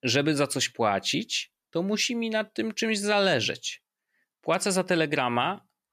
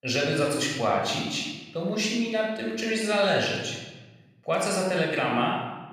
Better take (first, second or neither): first